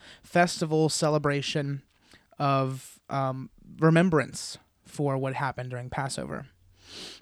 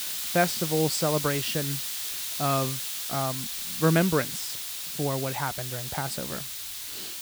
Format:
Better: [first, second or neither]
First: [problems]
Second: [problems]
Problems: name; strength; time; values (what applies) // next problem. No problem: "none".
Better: first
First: none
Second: hiss; loud; throughout; 2 dB below the speech